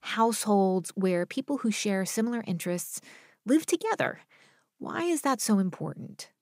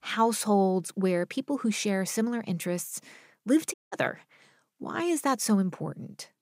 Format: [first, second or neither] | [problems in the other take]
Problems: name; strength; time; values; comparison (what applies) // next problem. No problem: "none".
first | audio cutting out; at 3.5 s